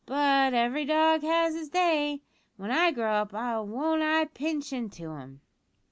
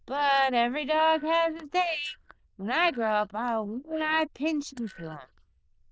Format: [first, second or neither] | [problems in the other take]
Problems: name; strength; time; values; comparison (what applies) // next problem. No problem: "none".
first | noise reduction (neural diffusion model UNIVERSE++)